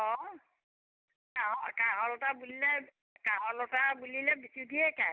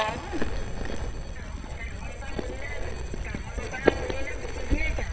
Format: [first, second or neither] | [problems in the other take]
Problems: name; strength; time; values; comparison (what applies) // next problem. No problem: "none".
first | noise reduction (neural mask model DeepFilterNet 3)